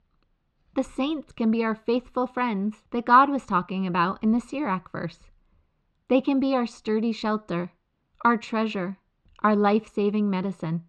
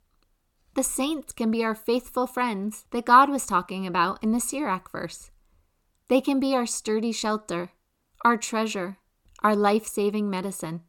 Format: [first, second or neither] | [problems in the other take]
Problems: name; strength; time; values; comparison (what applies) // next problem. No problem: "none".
second | muffled; slightly; fading above 3.5 kHz